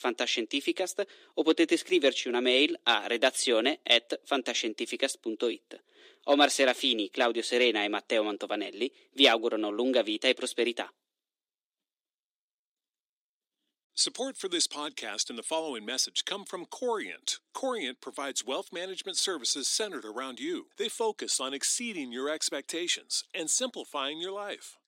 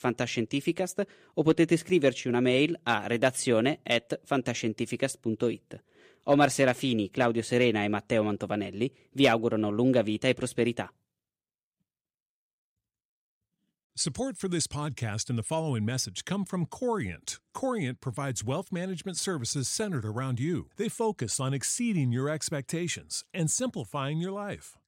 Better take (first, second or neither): second